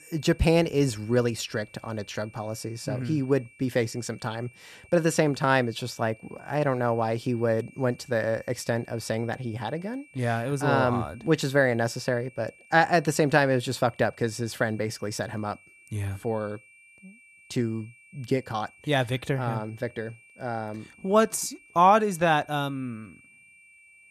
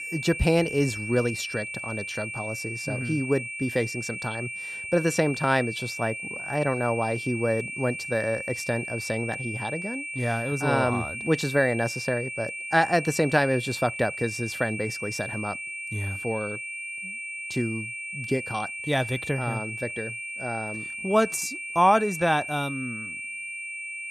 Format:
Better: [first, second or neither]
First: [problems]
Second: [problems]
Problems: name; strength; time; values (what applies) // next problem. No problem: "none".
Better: first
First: high-pitched whine; faint; throughout; 2.5 kHz, 25 dB below the speech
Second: high-pitched whine; loud; throughout; 2.5 kHz, 6 dB below the speech